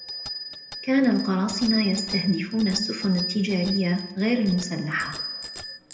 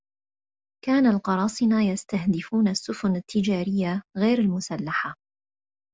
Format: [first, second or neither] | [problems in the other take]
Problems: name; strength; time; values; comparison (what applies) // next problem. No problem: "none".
second | background sound (Bicycle bell); 9 dB below the speech // room echo; dies away in 0.9 s